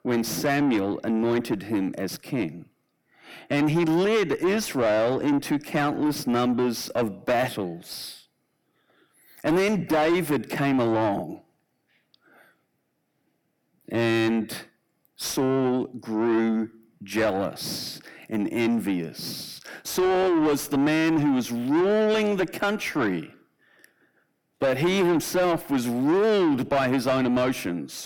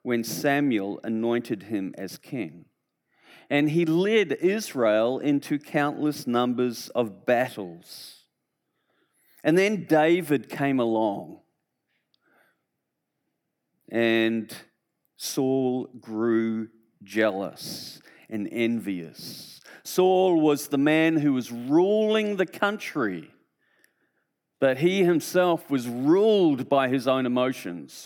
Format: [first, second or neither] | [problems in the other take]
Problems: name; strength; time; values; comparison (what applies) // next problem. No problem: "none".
second | distortion; heavy; 7 dB below the speech